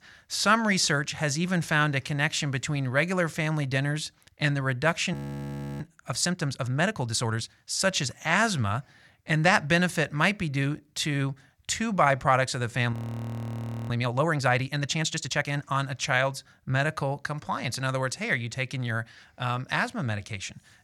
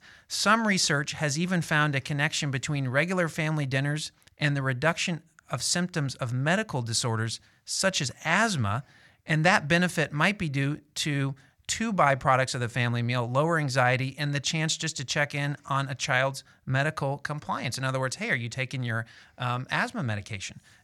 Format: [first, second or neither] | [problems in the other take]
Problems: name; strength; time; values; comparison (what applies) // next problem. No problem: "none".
second | audio freezing; at 5 s for 0.5 s and at 13 s for 1 s